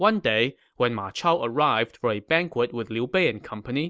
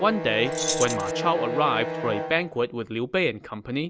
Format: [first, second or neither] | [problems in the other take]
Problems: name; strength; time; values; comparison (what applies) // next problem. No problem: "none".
first | background sound (Keys jangling + Bowed string instrument); 5 dB below the speech